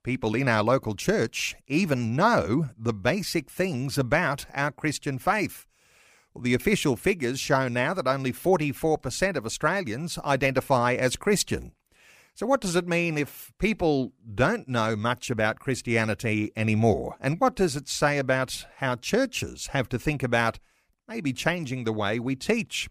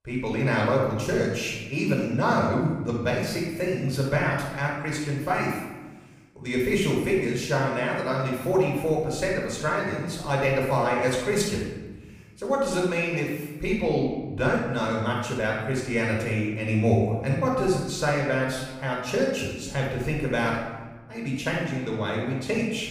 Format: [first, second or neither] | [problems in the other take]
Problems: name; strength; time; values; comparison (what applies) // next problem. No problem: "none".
first | off-mic speech; far // room echo; noticeable; dies away in 1.1 s